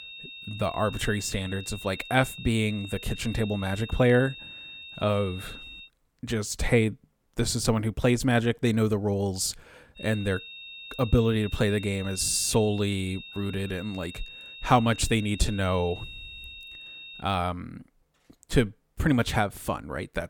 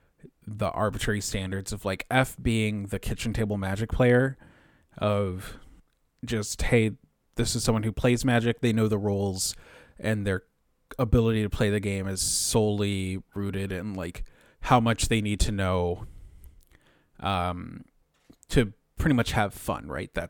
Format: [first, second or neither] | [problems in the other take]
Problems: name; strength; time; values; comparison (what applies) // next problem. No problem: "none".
second | high-pitched whine; noticeable; until 6 s and from 10 to 17 s; 3.5 kHz, 15 dB below the speech